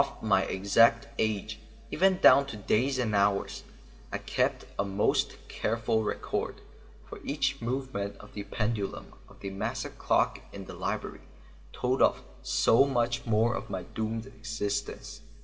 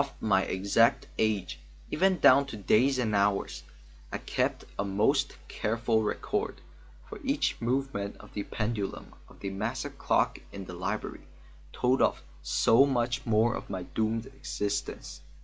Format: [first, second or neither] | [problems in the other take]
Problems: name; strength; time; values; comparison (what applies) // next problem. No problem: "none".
second | room echo; dies away in 0.9 s